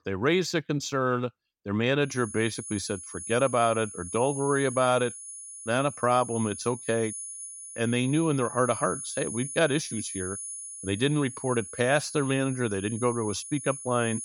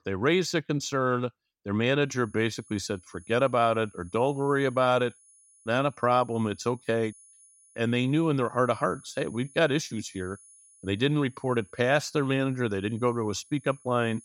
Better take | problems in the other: second | high-pitched whine; loud; from 2 s on; 10 kHz, 9 dB below the speech; faint in the second

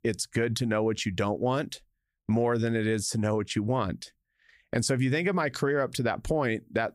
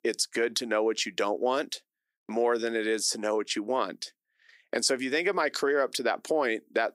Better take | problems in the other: first | thin; somewhat; fading below 300 Hz

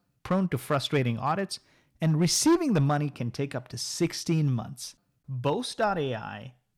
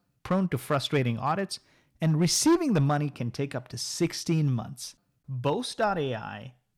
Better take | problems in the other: neither | distortion; slight; 3% of the sound clipped; the same in both

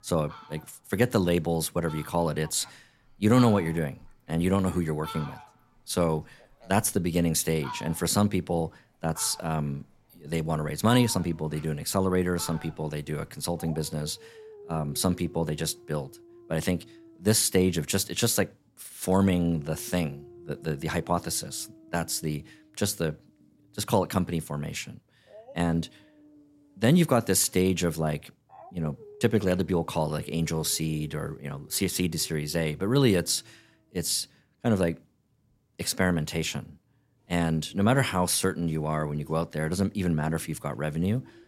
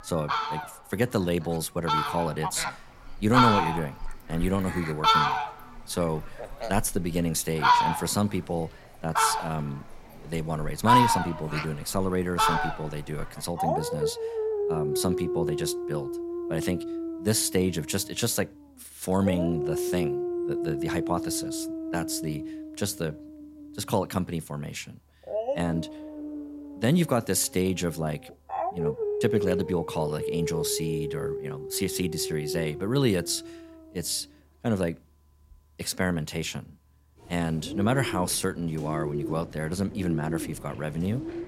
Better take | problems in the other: first | animal sounds; loud; throughout; as loud as the speech; faint in the first

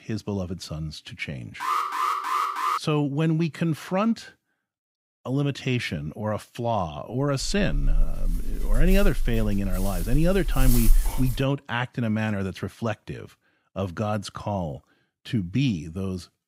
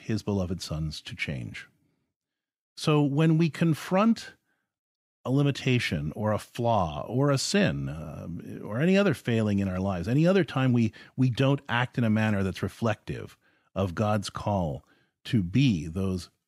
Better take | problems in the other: second | alarm; loud; from 1.5 to 3 s; peak 3 dB above the speech // dog barking; loud; from 7.5 to 11 s; peak 3 dB above the speech

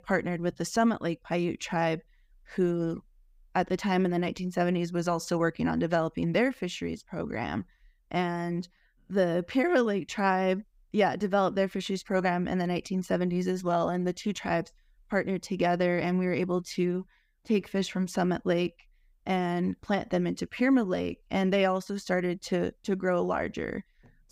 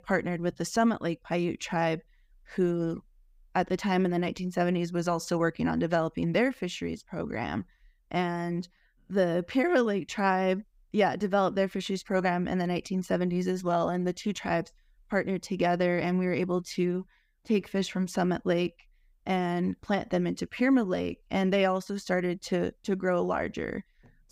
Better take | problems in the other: neither | none

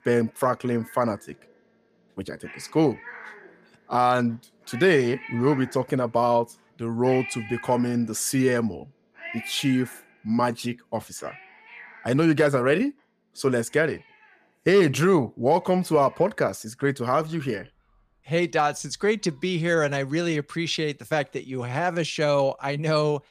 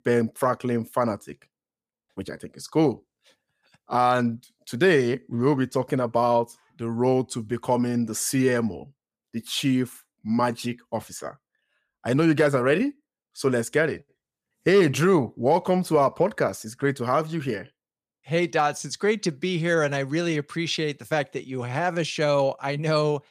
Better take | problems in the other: second | animal sounds; noticeable; throughout; 15 dB below the speech

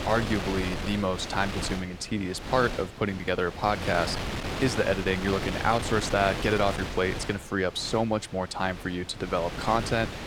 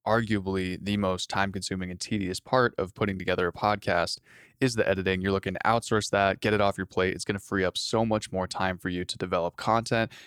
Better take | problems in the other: second | wind noise on the microphone; heavy; 7 dB below the speech

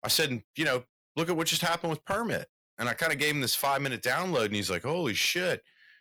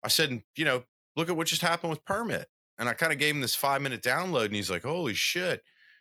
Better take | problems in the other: second | distortion; slight; 3% of the sound clipped

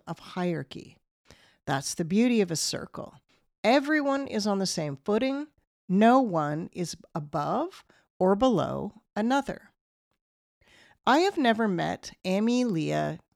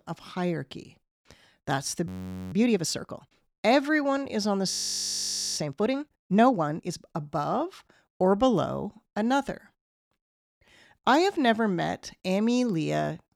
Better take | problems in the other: first | audio freezing; at 2 s and at 4.5 s for 1 s

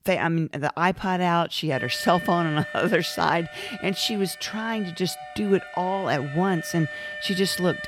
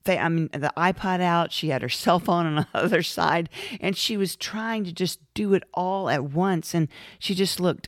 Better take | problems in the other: second | alarm; noticeable; from 1.5 s on; peak 7 dB below the speech

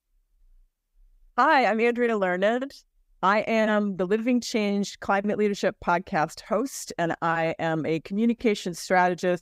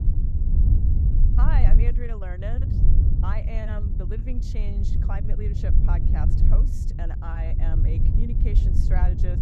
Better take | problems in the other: first | low rumble; loud; throughout; 2 dB below the speech

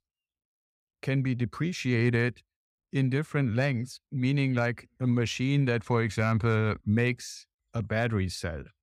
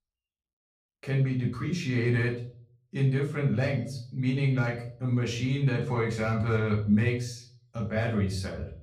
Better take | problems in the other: first | room echo; slight; dies away in 0.5 s // off-mic speech; far

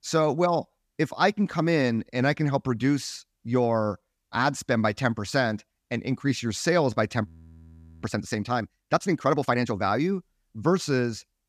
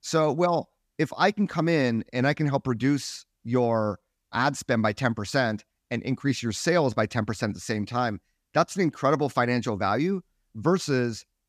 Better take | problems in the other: second | audio freezing; at 7.5 s for 1 s

